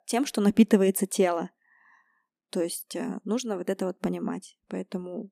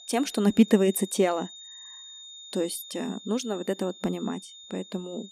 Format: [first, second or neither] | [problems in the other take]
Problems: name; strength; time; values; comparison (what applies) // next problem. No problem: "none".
first | high-pitched whine; noticeable; throughout; 3.5 kHz, 15 dB below the speech